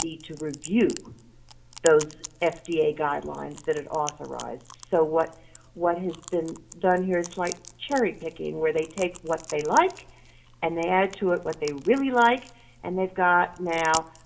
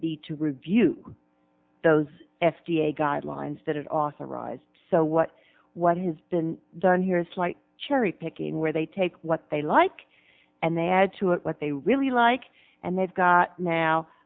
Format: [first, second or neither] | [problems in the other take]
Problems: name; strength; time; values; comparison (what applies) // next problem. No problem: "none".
second | background sound (Chewing, mastication); 16 dB below the speech // room echo; dies away in 0.3 s